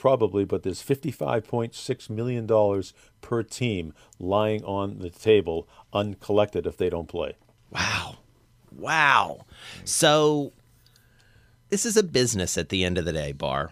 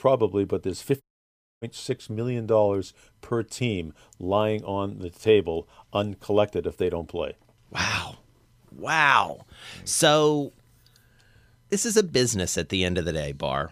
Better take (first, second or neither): first